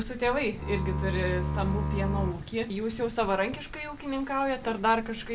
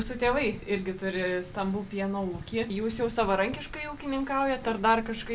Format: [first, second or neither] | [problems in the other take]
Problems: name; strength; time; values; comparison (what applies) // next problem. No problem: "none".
second | background sound (Bowed string instrument); 1 dB below the speech